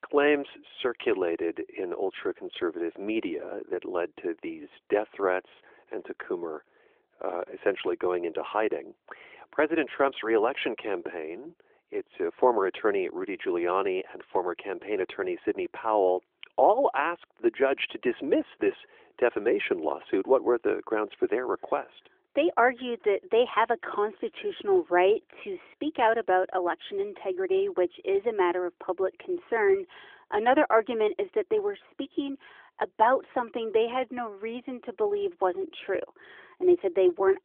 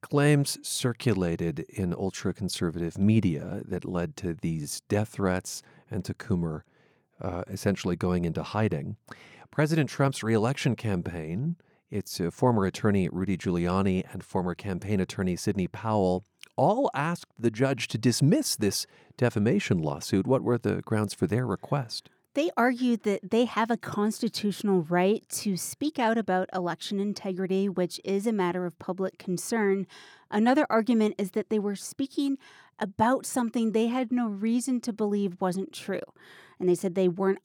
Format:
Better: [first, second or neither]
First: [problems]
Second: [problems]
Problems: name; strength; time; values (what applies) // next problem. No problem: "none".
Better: second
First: phone-call audio; nothing above 3.5 kHz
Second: none